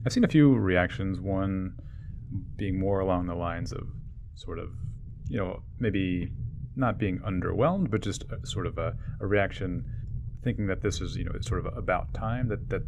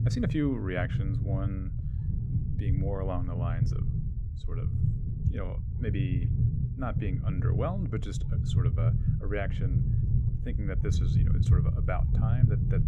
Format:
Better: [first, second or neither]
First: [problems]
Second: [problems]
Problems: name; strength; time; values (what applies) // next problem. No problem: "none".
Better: first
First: low rumble; faint; throughout; 20 dB below the speech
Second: low rumble; loud; throughout; 3 dB below the speech